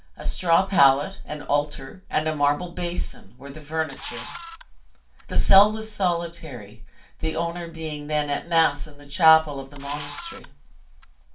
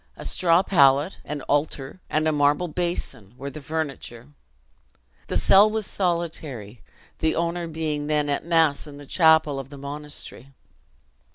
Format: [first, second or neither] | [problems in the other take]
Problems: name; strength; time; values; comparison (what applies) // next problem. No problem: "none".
second | background sound (Camera); 17 dB below the speech // room echo; dies away in 0.3 s